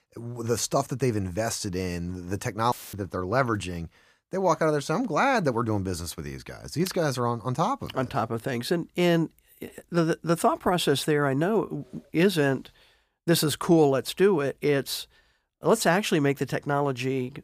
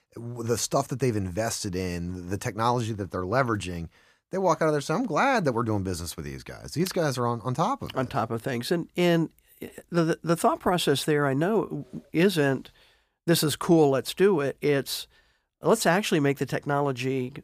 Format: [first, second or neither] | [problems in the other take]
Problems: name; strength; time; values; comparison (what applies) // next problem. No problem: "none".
second | audio cutting out; filled with static; at 2.5 s